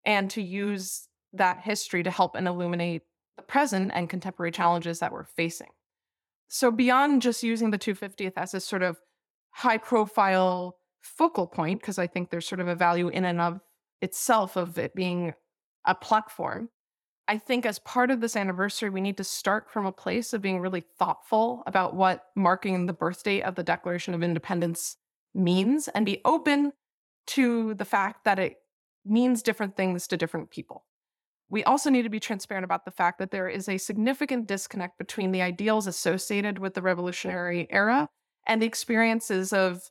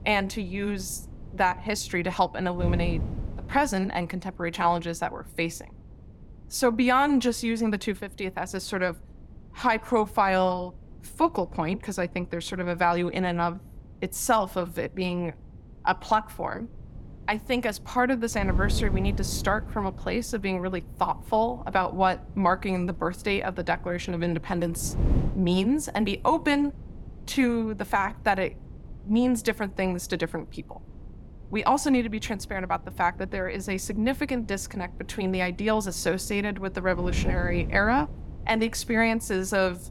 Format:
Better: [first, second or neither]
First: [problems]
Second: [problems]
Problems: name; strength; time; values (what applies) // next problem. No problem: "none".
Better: first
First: none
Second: wind noise on the microphone; occasional gusts; 20 dB below the speech